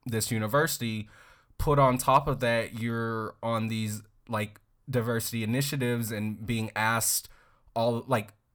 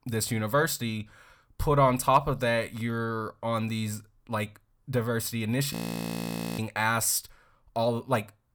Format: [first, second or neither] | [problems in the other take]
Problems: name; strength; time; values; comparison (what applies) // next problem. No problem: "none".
first | audio freezing; at 5.5 s for 1 s